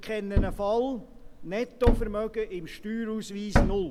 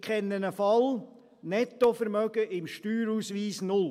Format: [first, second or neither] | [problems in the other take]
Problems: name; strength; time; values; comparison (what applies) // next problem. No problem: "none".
second | background sound (Thump, thud); 1 dB above the speech